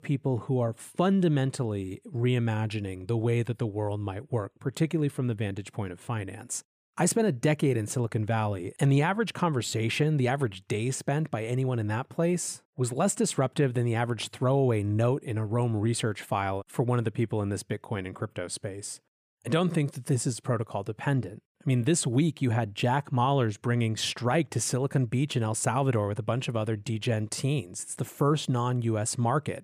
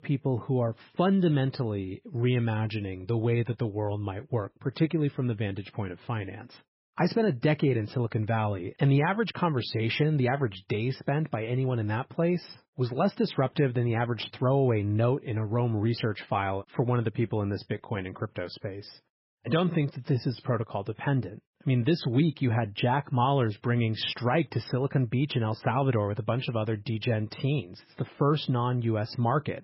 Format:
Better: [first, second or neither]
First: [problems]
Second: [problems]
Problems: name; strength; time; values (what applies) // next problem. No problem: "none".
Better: first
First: none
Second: garbled, watery; badly; nothing above 5.5 kHz